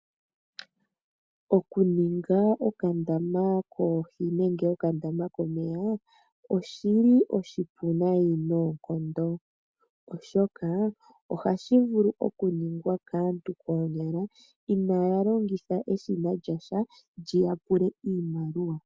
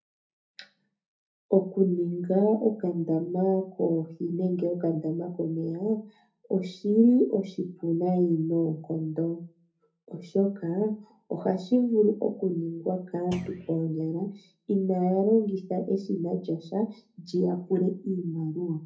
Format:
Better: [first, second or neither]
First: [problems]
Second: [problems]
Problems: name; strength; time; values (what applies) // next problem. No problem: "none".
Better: first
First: none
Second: background sound (Thump, thud); 14 dB below the speech // room echo; dies away in 0.3 s